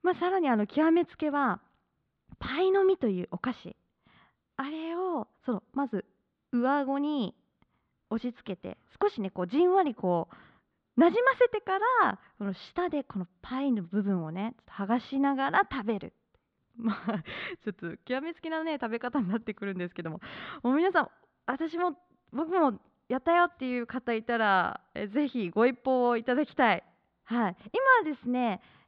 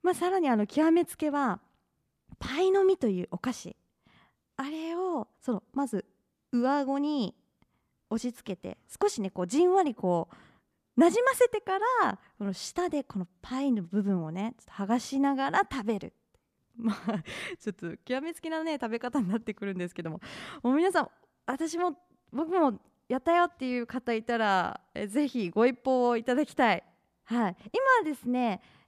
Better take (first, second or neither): second